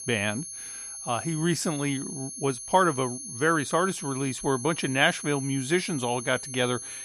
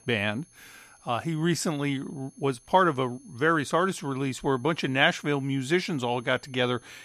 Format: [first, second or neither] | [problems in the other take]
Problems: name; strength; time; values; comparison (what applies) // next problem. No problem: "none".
second | high-pitched whine; loud; throughout; 10.5 kHz, 9 dB below the speech; faint in the second